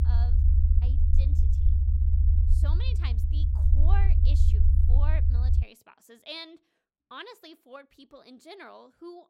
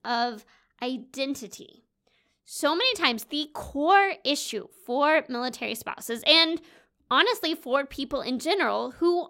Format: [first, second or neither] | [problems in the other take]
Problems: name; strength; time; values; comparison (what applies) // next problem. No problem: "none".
second | low rumble; loud; until 5.5 s; as loud as the speech